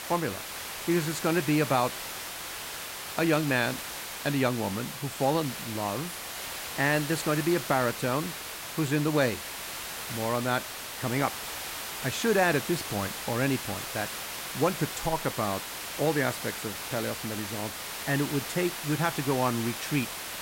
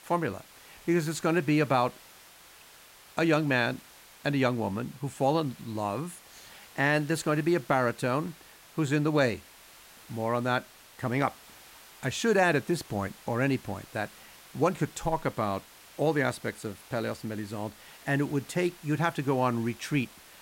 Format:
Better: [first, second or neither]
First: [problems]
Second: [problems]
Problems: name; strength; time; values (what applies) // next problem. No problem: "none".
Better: second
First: hiss; loud; throughout; 6 dB below the speech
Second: hiss; faint; throughout; 20 dB below the speech